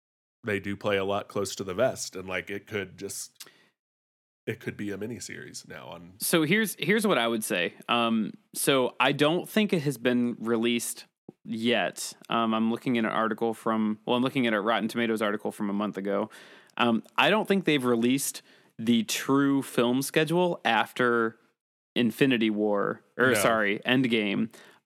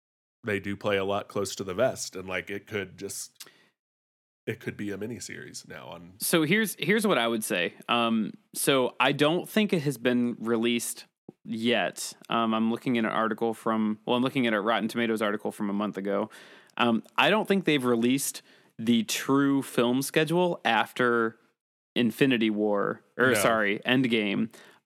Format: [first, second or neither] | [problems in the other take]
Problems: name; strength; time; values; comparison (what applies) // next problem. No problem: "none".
neither | none